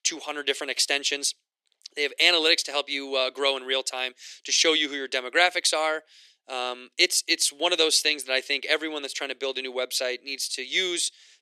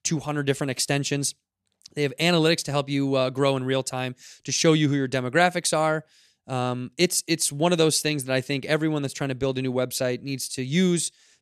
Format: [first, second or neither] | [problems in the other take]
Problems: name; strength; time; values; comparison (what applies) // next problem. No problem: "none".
second | thin; very; fading below 350 Hz